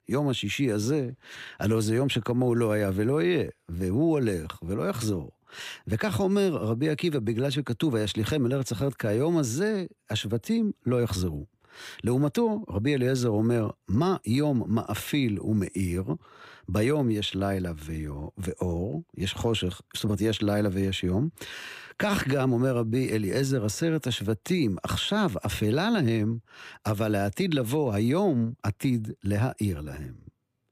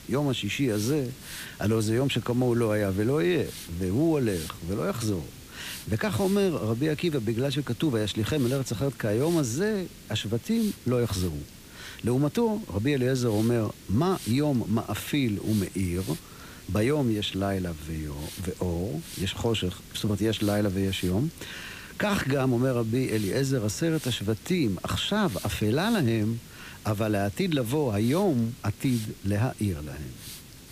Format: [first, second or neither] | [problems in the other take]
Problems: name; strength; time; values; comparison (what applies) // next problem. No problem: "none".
first | hiss; noticeable; throughout; 15 dB below the speech